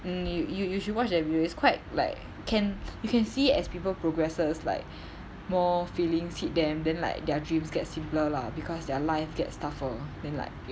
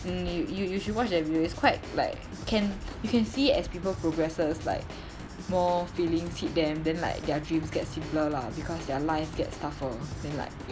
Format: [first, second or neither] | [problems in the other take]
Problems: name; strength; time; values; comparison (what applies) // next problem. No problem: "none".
first | background sound (Drum / Drum kit); 13 dB below the speech